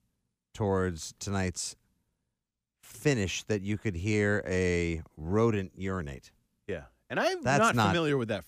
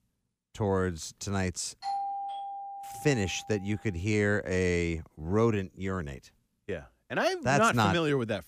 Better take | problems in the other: first | doorbell; noticeable; from 2 to 3.5 s; peak 4 dB below the speech

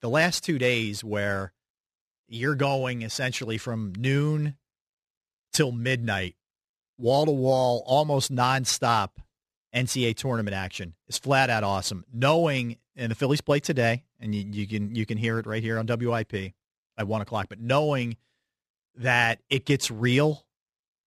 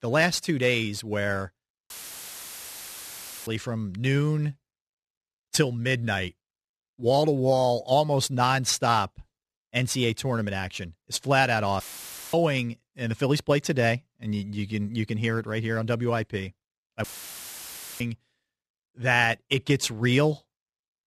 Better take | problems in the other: first | audio cutting out; filled with static; at 2 s for 1.5 s, at 12 s for 0.5 s and at 17 s for 1 s

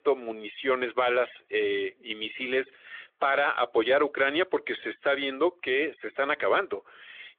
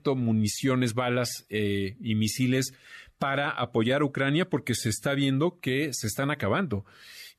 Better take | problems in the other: second | phone-call audio; nothing above 3.5 kHz

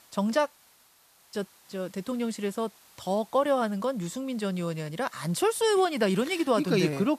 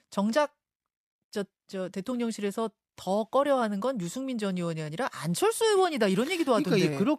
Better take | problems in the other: second | hiss; faint; throughout; 25 dB below the speech

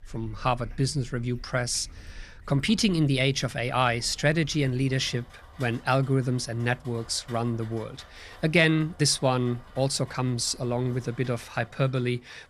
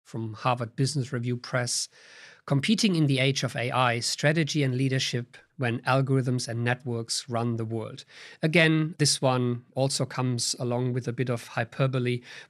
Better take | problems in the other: second | rain or running water; faint; throughout; 25 dB below the speech

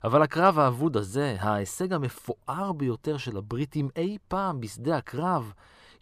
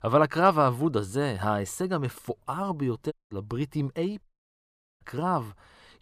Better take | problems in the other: first | audio cutting out; at 3 s and at 4 s for 1 s

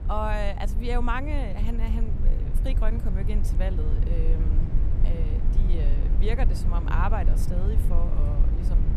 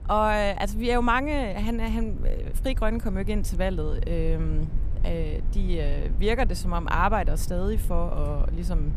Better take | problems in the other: second | low rumble; loud; throughout; 8 dB below the speech; faint in the second

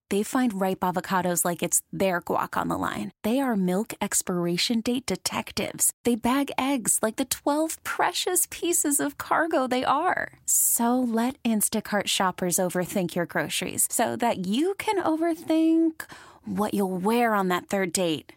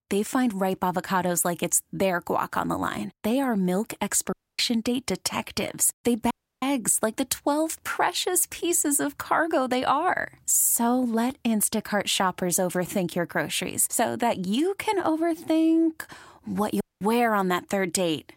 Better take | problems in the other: first | audio cutting out; at 4.5 s, at 6.5 s and at 17 s

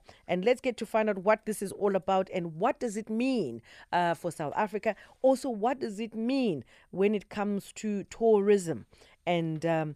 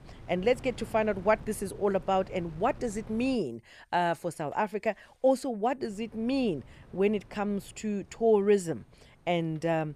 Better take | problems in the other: first | wind noise on the microphone; occasional gusts; until 3.5 s and from 6 s on; 25 dB below the speech

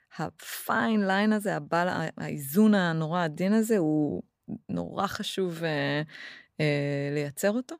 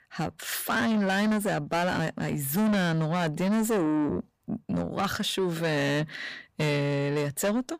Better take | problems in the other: first | distortion; heavy; 7 dB below the speech

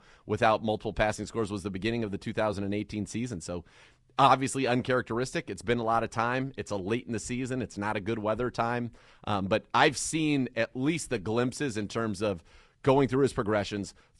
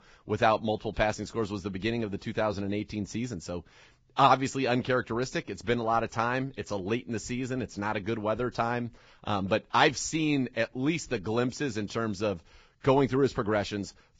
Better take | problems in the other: first | garbled, watery; badly; nothing above 7.5 kHz; slightly in the first

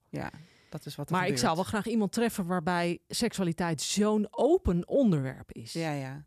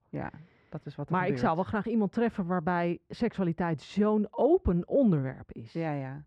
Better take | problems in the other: first | muffled; very; fading above 2 kHz

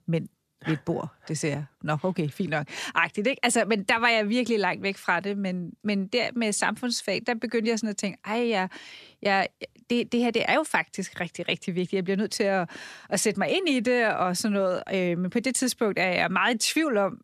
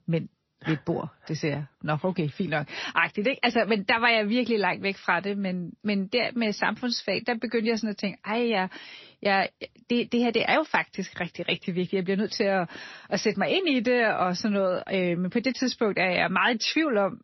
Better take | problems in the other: first | garbled, watery; slightly; nothing above 6 kHz

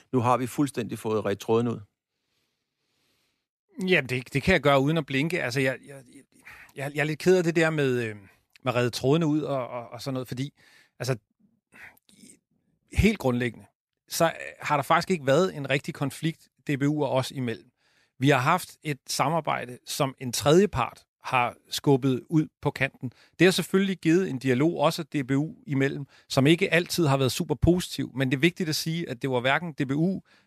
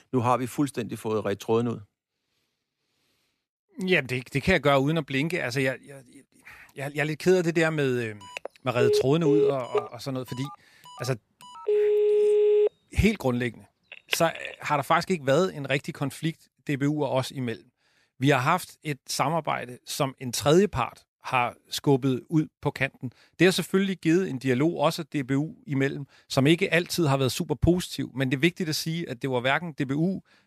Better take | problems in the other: first | phone ringing; loud; from 8.5 to 14 s; peak 6 dB above the speech

